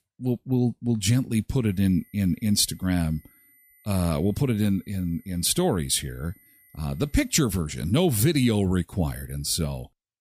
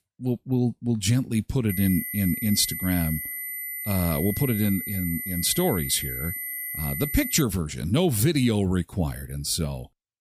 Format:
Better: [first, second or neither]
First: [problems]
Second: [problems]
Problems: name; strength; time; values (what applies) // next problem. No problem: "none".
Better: first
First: high-pitched whine; faint; from 1.5 to 7.5 s; 12 kHz, 30 dB below the speech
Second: high-pitched whine; loud; from 1.5 to 7.5 s; 12 kHz, 5 dB below the speech